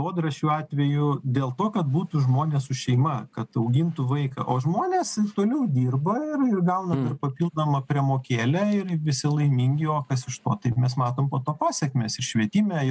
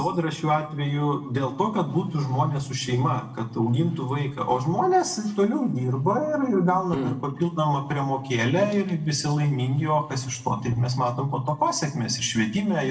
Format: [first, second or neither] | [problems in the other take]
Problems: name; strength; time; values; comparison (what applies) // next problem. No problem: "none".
first | room echo; dies away in 0.6 s